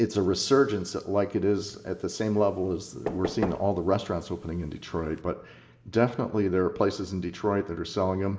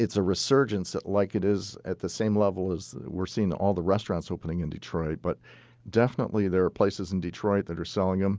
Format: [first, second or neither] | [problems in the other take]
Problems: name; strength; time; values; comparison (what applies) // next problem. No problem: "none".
second | background sound (Knock / Wood); 12 dB below the speech // room echo; dies away in 0.8 s